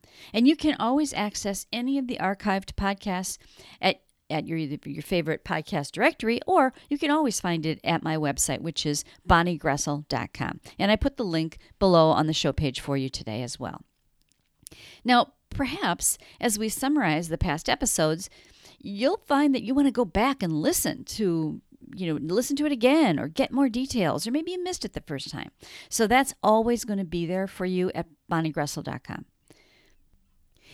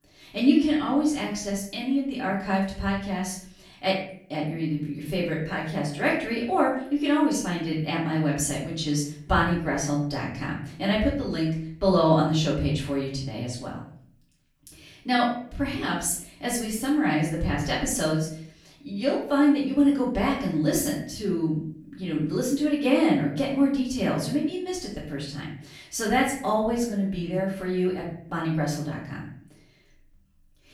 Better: first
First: none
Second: off-mic speech; far // room echo; noticeable; dies away in 0.5 s

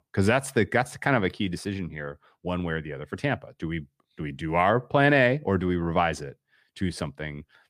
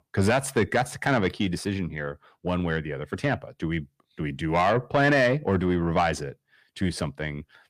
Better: first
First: none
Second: distortion; slight; 10 dB below the speech

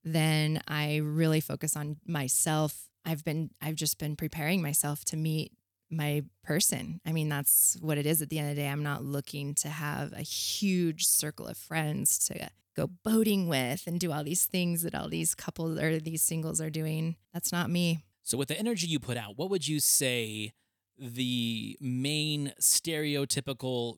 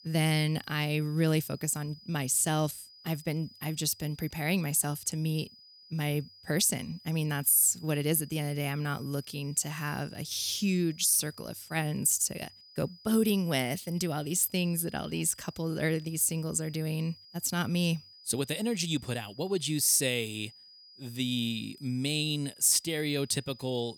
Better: first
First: none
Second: high-pitched whine; faint; throughout; 5 kHz, 20 dB below the speech

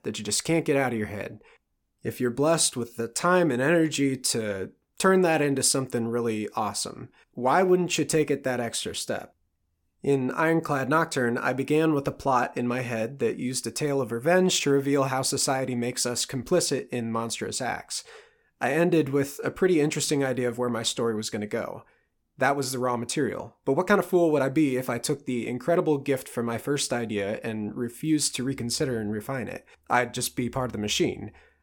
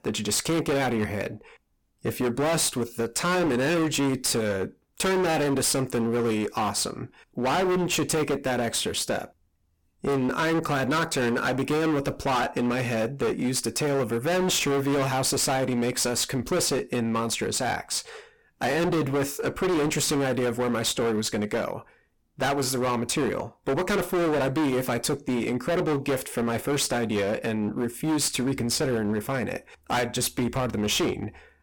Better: first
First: none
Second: distortion; heavy; 25% of the sound clipped

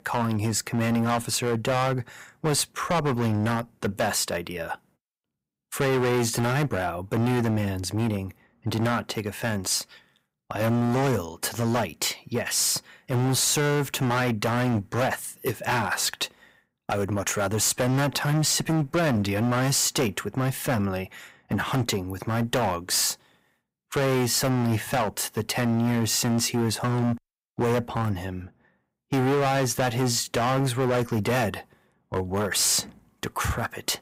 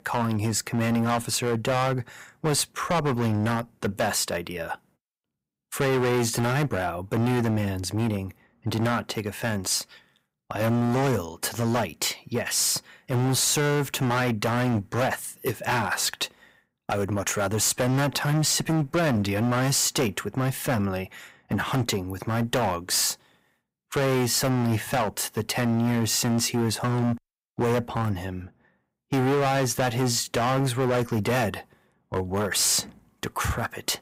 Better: neither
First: distortion; heavy; 15% of the sound clipped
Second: distortion; heavy; 15% of the sound clipped

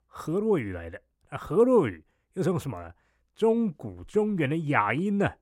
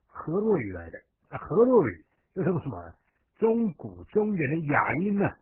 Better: first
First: none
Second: garbled, watery; badly

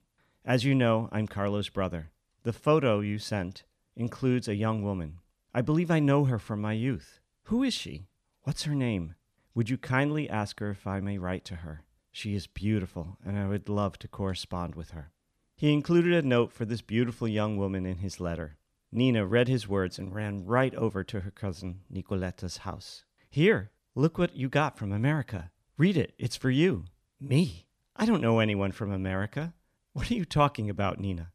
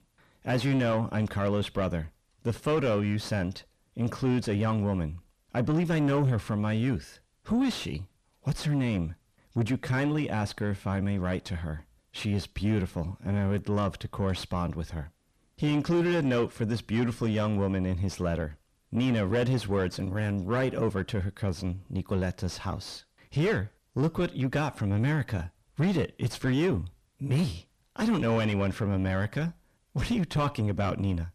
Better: first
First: none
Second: distortion; heavy; 6 dB below the speech

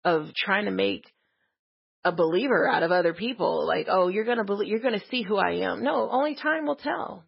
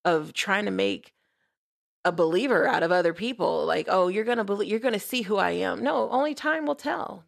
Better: second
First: garbled, watery; badly; nothing above 5 kHz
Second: none

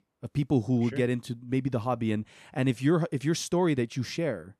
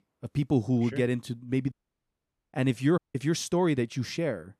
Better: first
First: none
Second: audio cutting out; at 1.5 s for 1 s and at 3 s

